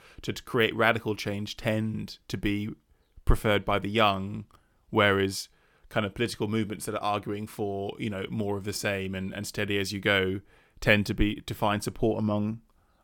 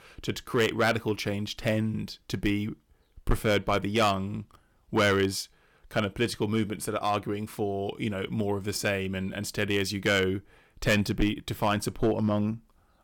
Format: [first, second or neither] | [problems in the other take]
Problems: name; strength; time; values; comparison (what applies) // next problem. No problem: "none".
first | distortion; slight; 2% of the sound clipped